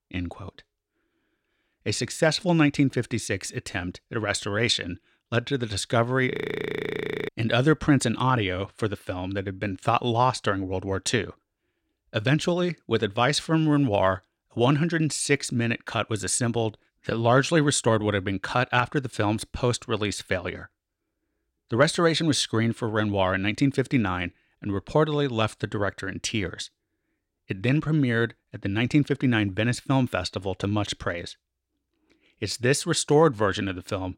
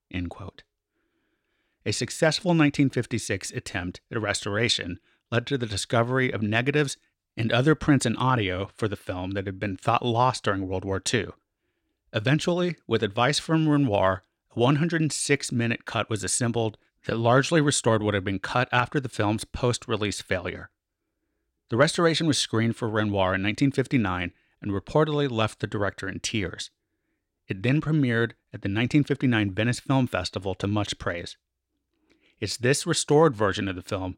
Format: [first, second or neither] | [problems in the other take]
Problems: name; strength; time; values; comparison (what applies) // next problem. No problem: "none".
second | audio freezing; at 6.5 s for 1 s